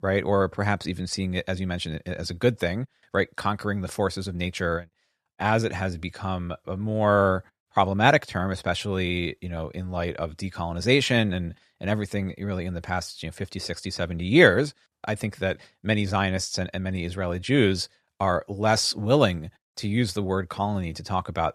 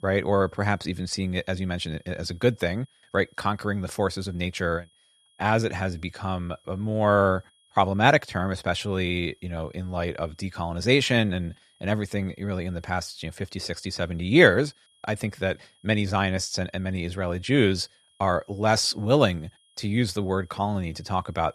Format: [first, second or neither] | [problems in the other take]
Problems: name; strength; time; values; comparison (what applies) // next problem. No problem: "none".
first | high-pitched whine; faint; throughout; 3.5 kHz, 35 dB below the speech